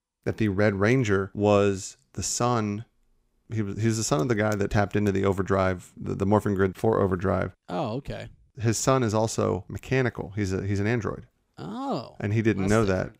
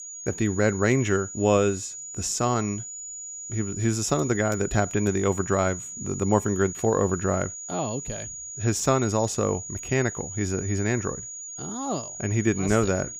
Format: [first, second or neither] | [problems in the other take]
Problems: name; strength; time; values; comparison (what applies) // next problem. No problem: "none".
first | high-pitched whine; loud; throughout; 7 kHz, 9 dB below the speech